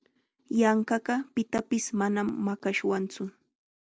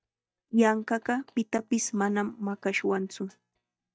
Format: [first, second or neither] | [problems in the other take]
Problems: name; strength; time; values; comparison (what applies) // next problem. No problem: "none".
first | noise reduction (neural mask model DeepFilterNet 3)